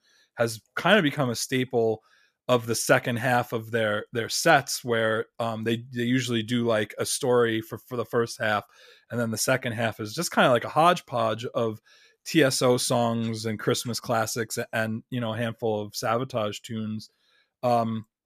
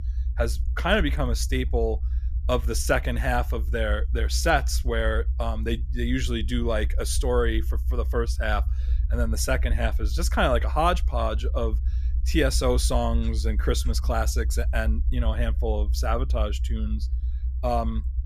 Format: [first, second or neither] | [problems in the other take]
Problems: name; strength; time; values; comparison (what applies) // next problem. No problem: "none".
first | low rumble; faint; throughout; 20 dB below the speech